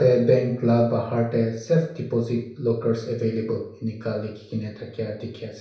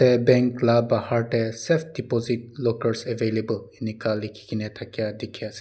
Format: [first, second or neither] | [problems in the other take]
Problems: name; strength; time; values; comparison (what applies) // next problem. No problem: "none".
second | room echo; dies away in 0.6 s